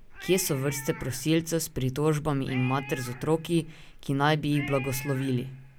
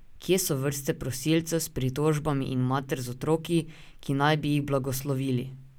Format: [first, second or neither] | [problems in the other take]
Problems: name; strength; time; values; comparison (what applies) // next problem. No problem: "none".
second | background sound (Cat); 16 dB below the speech